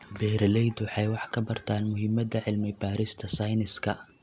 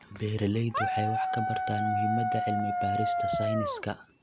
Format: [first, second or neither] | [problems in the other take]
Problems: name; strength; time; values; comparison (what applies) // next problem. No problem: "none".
first | background sound (Dog); 3 dB above the speech